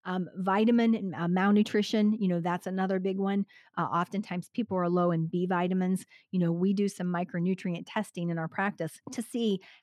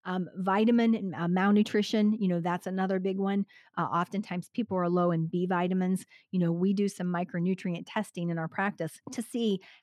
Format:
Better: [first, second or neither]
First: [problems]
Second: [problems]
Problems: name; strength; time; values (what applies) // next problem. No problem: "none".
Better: neither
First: muffled; slightly; fading above 2 kHz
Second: muffled; slightly; fading above 2 kHz